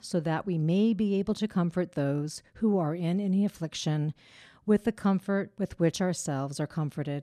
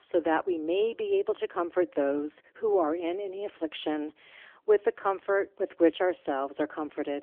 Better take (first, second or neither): first